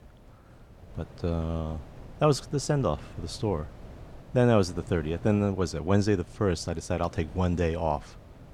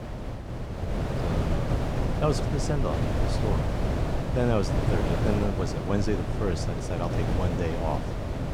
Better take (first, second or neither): first